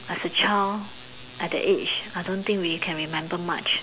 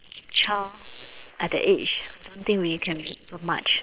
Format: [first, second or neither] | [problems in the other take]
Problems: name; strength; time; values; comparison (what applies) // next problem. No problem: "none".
first | noise reduction (neural separator model SepFormer WHAM!)